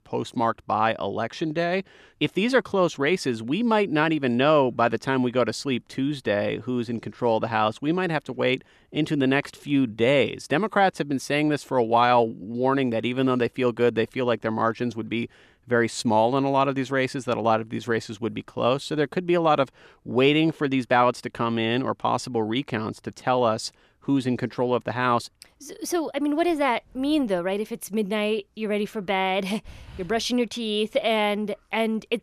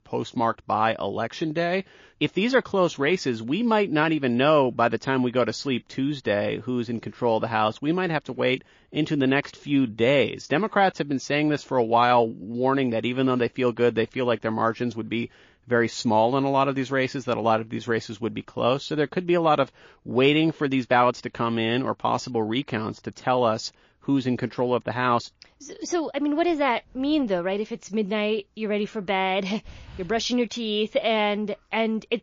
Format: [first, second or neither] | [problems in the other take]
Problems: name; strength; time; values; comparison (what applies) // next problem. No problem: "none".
first | garbled, watery; slightly; nothing above 6 kHz